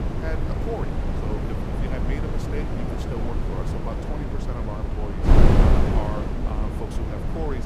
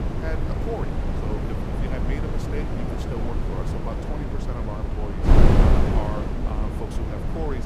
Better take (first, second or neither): neither